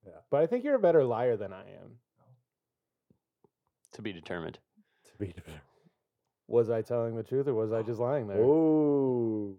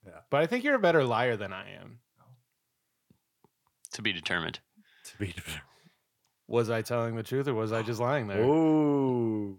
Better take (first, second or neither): second